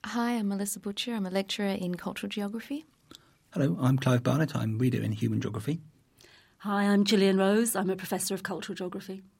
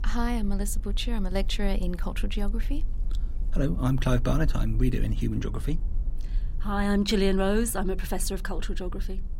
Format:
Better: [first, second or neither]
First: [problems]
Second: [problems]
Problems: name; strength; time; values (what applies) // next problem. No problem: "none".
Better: first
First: none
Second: low rumble; faint; throughout; 20 dB below the speech